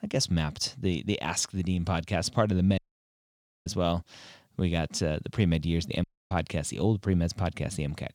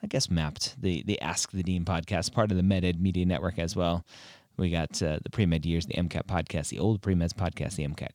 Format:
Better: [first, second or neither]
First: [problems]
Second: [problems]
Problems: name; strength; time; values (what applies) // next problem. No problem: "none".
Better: second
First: audio cutting out; at 3 s for 1 s and at 6 s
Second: none